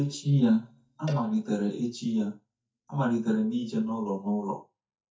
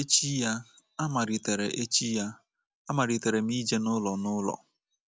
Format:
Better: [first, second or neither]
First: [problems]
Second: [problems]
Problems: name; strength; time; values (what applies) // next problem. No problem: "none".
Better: second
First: noise reduction (neural mask model DeepFilterNet 3)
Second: none